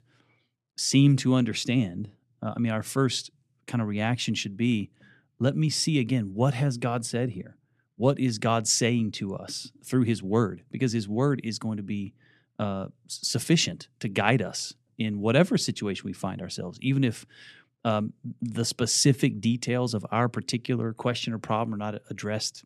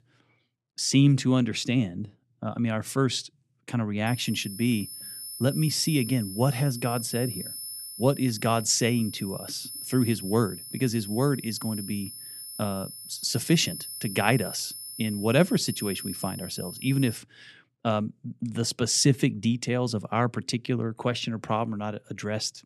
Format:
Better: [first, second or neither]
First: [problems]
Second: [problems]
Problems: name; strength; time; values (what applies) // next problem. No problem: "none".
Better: first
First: none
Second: high-pitched whine; loud; from 4 to 17 s; 10 kHz, 10 dB below the speech